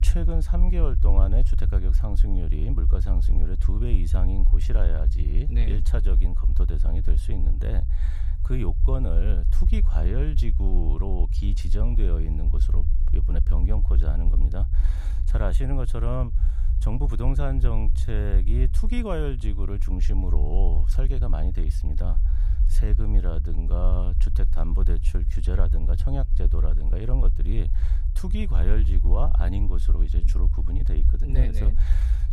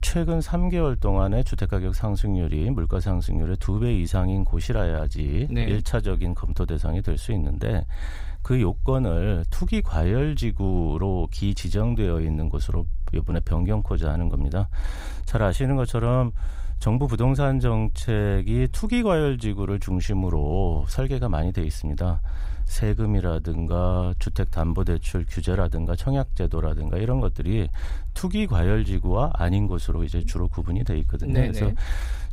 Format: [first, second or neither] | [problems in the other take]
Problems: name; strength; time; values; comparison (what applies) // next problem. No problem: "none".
second | low rumble; loud; throughout; 9 dB below the speech; faint in the second